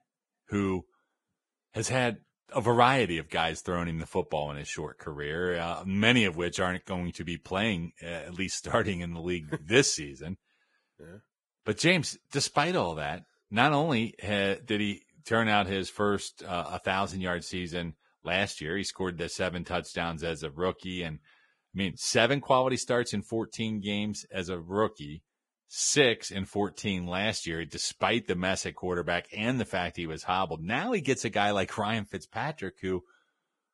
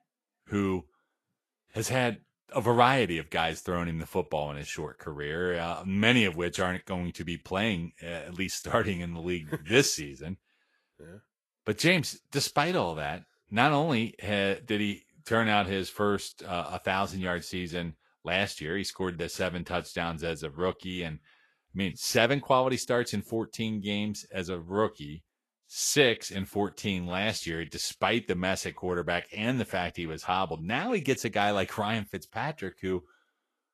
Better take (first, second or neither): second